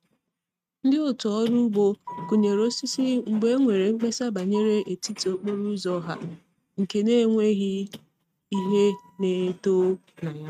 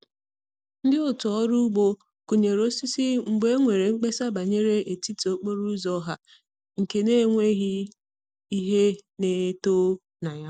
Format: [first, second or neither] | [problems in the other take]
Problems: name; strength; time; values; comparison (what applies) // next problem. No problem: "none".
second | noise reduction (neural mask model RNNoise)